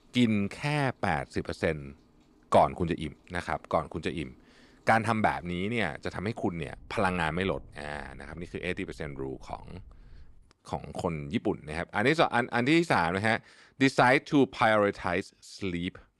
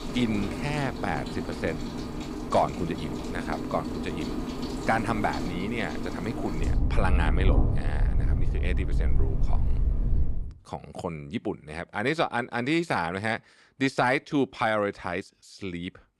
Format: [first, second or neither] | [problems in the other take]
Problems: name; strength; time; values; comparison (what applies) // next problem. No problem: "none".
first | rain or running water; loud; until 10 s; as loud as the speech; faint in the first